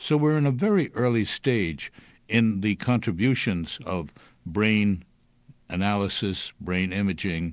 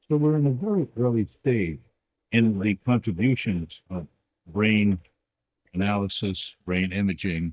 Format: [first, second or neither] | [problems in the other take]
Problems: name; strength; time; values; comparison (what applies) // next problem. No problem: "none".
first | noise reduction (neural mask model DeepFilterNet 3)